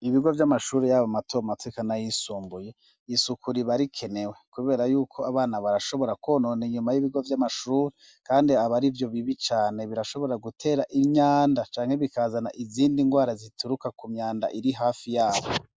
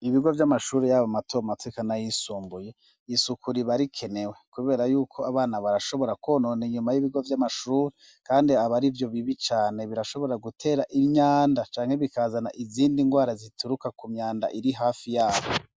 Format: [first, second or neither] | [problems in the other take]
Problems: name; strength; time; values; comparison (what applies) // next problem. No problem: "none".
second | noise reduction (neural mask model Resemble Enhance denoiser)